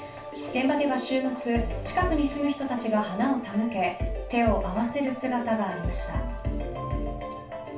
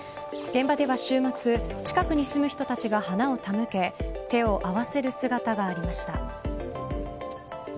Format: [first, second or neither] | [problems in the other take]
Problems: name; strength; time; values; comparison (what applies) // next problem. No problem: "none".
second | room echo; dies away in 0.3 s